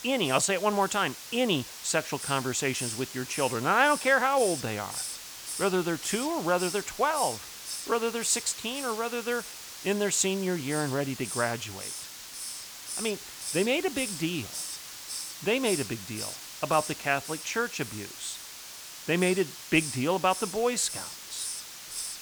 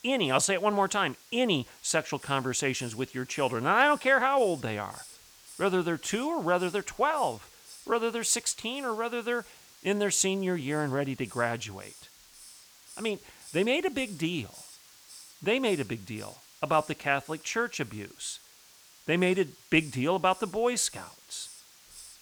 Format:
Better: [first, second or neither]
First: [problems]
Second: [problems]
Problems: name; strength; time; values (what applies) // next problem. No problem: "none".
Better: second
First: hiss; loud; throughout; 8 dB below the speech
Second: hiss; faint; throughout; 20 dB below the speech